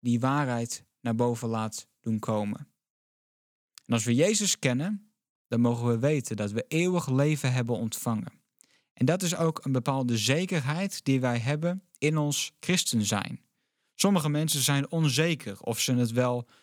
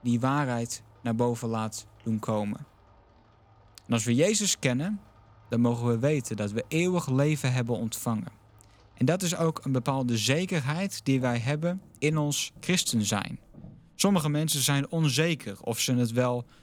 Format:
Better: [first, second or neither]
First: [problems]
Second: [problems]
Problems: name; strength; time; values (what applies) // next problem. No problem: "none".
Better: first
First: none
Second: rain or running water; faint; throughout; 25 dB below the speech